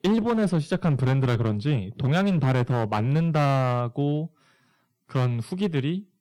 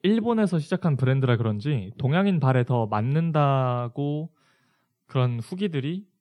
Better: second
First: distortion; slight; 16% of the sound clipped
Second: none

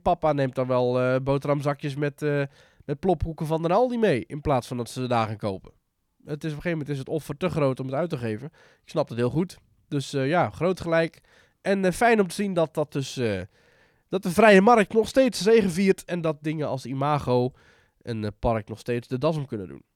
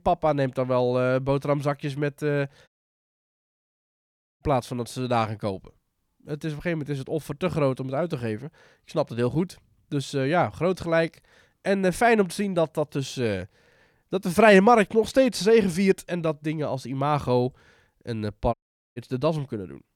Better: first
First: none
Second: audio cutting out; at 2.5 s for 1.5 s and at 19 s

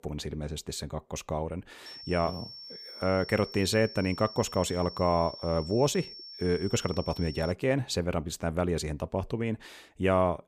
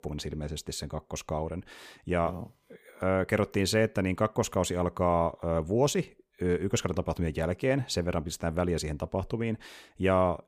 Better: second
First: high-pitched whine; noticeable; from 2 to 7.5 s; 5.5 kHz, 15 dB below the speech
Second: none

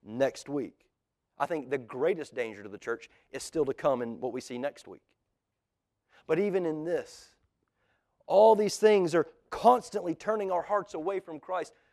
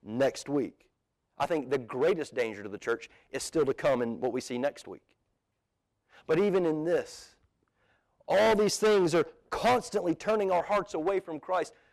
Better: first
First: none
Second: distortion; heavy; 6% of the sound clipped

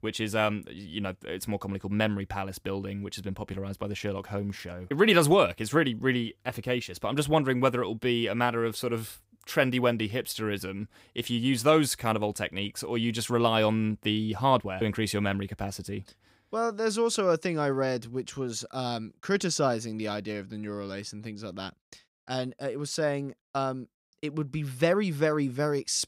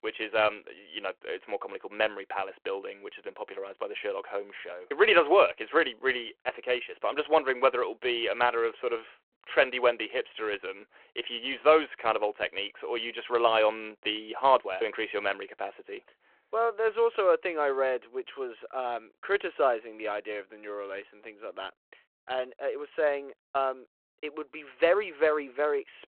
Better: first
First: none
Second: phone-call audio

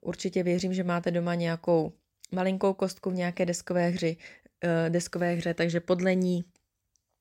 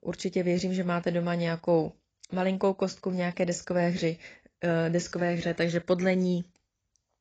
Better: first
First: none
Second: garbled, watery; badly; nothing above 7.5 kHz

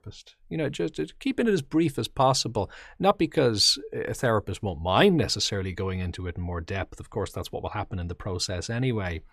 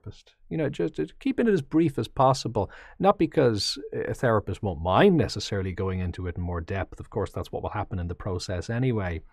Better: first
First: none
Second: muffled; slightly; fading above 2.5 kHz

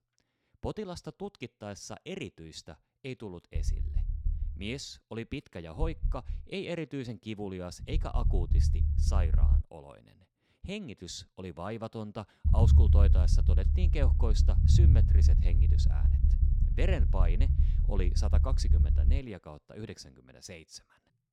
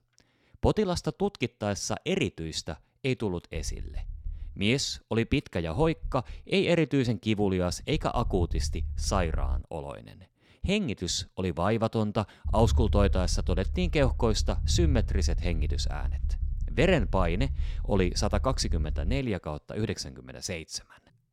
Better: second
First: low rumble; loud; from 3.5 to 9.5 s and from 12 to 19 s; 3 dB below the speech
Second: low rumble; faint; from 3.5 to 9.5 s and from 12 to 19 s; 20 dB below the speech

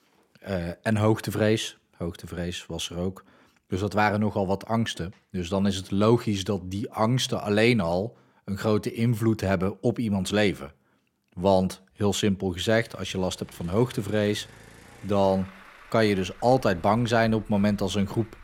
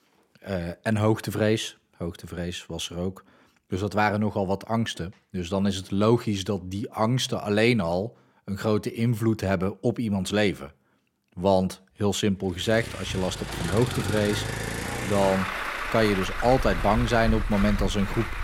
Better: first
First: traffic noise; faint; from 13 s on; 25 dB below the speech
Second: traffic noise; loud; from 13 s on; 5 dB below the speech

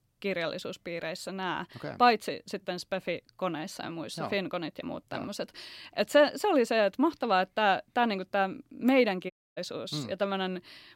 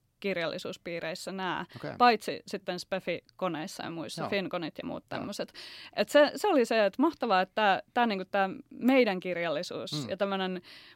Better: second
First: audio cutting out; at 9.5 s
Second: none

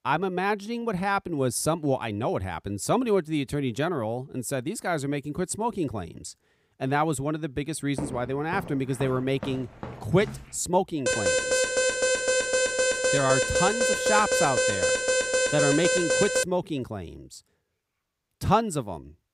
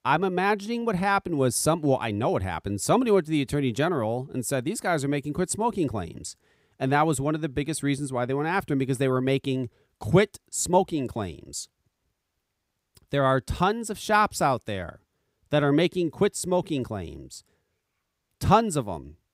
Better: second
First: footsteps; noticeable; from 8 to 10 s; peak 10 dB below the speech // alarm; loud; from 11 to 16 s; peak 5 dB above the speech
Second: none

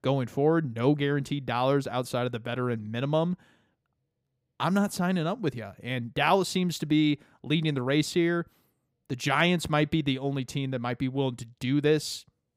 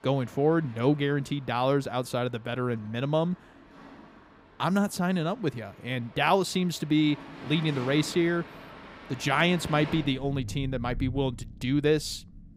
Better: first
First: none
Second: rain or running water; noticeable; throughout; 15 dB below the speech

